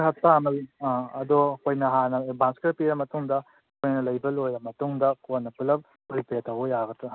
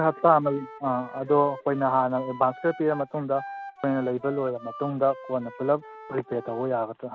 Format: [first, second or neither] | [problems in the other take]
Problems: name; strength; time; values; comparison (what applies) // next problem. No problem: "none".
first | background sound (Wind instrument, woodwind instrument); 17 dB below the speech